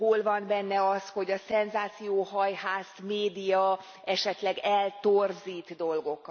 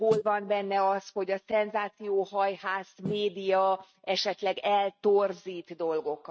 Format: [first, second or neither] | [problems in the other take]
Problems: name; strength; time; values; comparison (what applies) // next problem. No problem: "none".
first | noise reduction (neural mask model RNNoise)